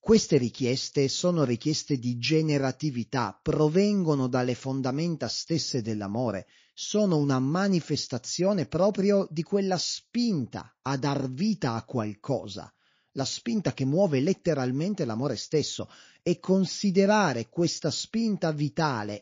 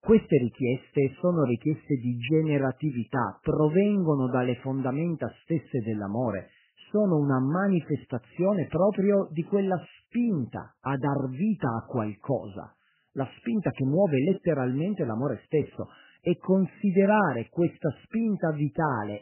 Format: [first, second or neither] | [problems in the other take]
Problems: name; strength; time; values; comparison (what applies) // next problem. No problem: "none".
first | garbled, watery; badly; nothing above 3 kHz; slightly in the first